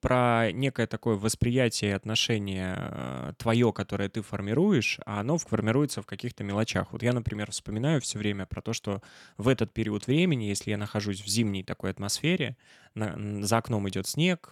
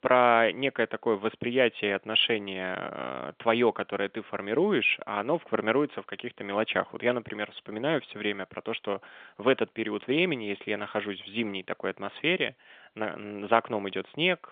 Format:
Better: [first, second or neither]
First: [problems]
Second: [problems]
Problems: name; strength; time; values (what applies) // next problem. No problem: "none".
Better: first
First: none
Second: phone-call audio; nothing above 3.5 kHz